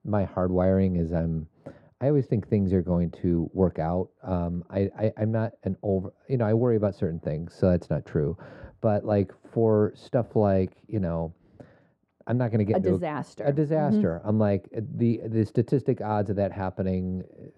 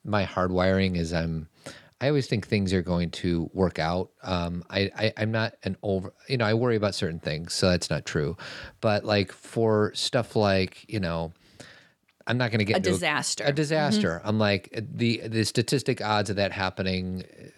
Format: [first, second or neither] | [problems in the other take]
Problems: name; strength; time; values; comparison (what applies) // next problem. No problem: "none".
second | muffled; very; fading above 1.5 kHz